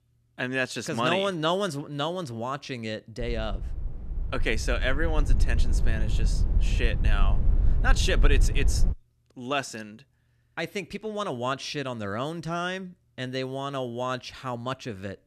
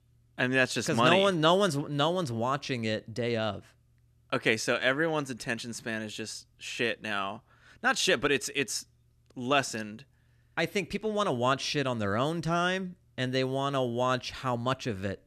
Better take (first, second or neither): second